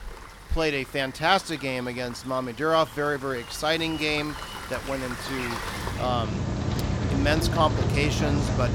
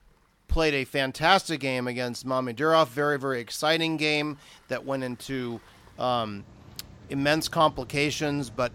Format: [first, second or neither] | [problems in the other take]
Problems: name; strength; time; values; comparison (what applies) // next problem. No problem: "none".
second | rain or running water; loud; throughout; 2 dB below the speech; faint in the second